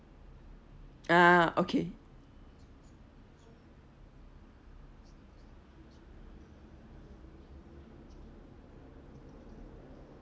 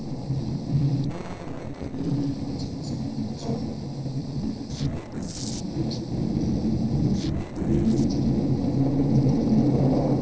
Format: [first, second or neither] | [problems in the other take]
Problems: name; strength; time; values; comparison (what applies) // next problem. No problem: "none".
first | noise reduction (neural separator model SepFormer DNS4)